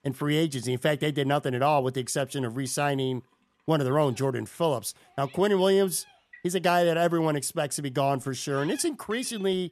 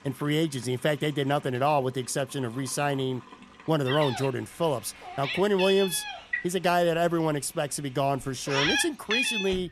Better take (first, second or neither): first